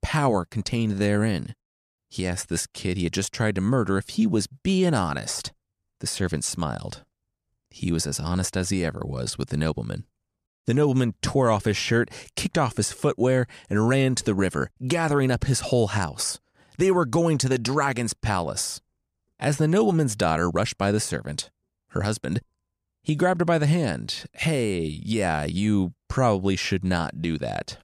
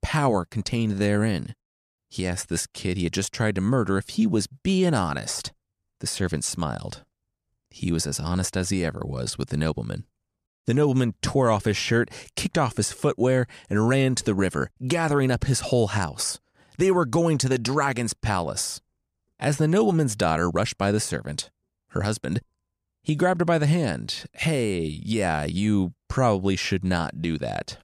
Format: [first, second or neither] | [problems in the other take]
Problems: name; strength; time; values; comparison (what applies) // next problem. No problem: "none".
neither | none